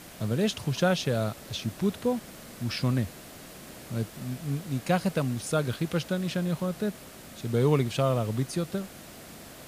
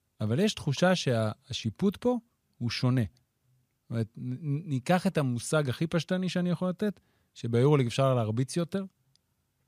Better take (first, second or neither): second